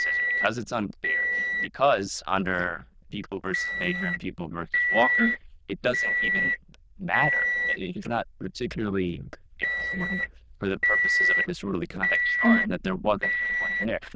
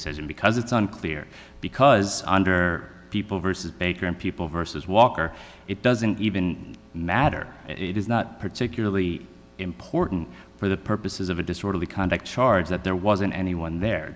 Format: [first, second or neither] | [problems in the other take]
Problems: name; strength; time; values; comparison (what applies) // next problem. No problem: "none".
second | noise reduction (neural diffusion model UNIVERSE++)